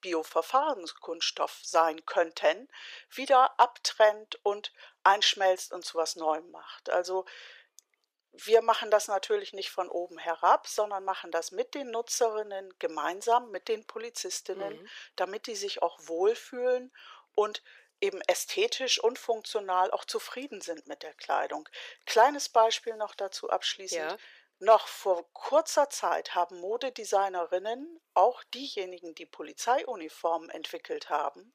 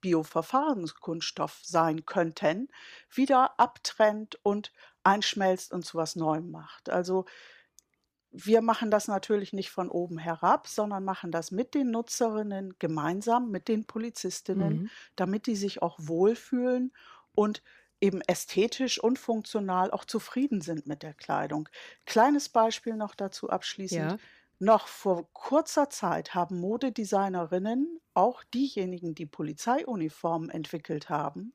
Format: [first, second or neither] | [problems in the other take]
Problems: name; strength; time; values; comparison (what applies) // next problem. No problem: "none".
second | thin; very; fading below 450 Hz